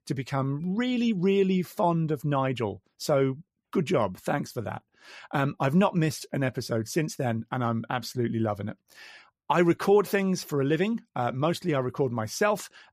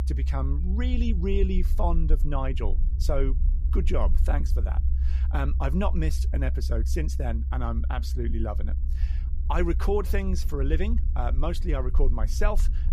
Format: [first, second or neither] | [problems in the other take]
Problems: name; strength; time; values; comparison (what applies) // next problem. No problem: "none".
first | low rumble; noticeable; throughout; 15 dB below the speech